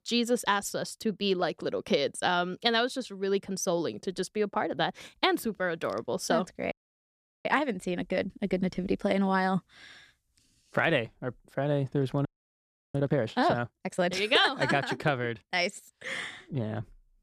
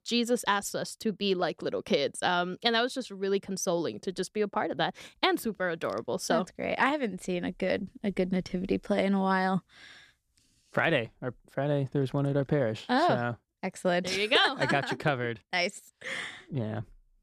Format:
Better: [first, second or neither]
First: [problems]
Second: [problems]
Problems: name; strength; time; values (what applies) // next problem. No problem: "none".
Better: second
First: audio freezing; at 6.5 s for 0.5 s and at 12 s for 0.5 s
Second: none